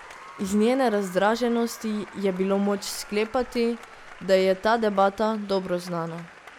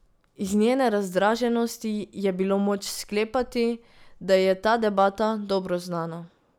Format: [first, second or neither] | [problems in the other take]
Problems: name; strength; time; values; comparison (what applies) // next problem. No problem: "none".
second | background sound (Applause); 20 dB below the speech